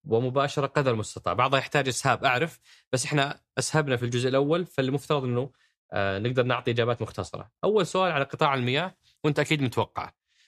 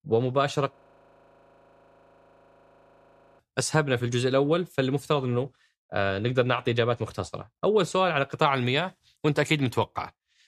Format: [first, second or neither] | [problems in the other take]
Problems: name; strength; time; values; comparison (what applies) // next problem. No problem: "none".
first | audio freezing; at 1 s for 2.5 s